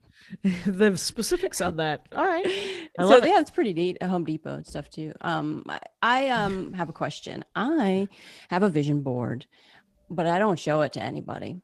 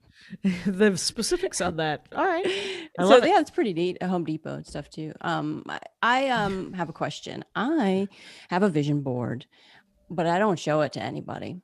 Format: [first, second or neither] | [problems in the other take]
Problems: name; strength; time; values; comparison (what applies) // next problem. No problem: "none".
second | garbled, watery; slightly